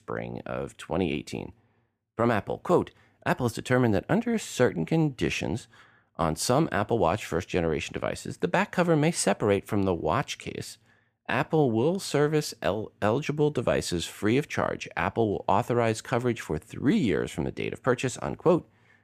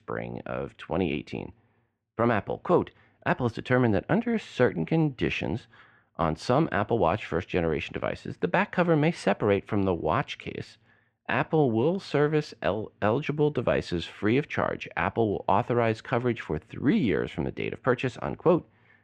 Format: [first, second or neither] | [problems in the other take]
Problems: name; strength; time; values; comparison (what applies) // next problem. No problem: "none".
first | muffled; slightly; fading above 3 kHz